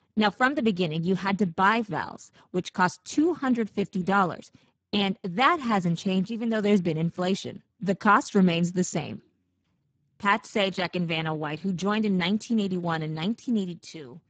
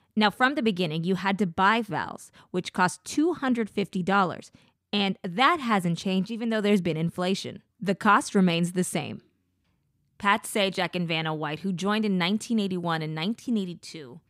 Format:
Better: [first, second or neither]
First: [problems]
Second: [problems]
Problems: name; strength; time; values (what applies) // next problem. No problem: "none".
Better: second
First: garbled, watery; badly; nothing above 7.5 kHz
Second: none